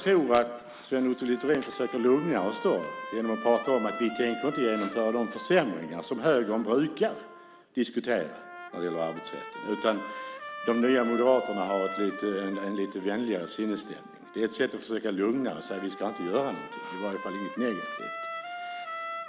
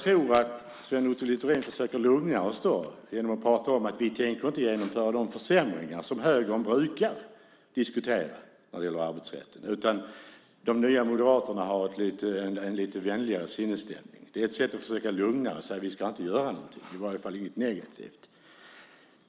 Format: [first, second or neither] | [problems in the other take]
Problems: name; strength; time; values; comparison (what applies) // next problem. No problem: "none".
second | background sound (Trumpet); 12 dB below the speech